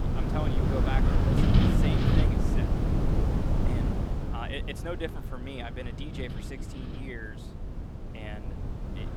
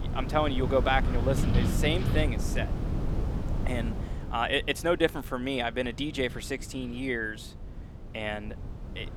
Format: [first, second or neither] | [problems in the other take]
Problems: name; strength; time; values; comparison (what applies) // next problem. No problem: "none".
second | wind noise on the microphone; heavy; 4 dB above the speech; occasional gusts in the second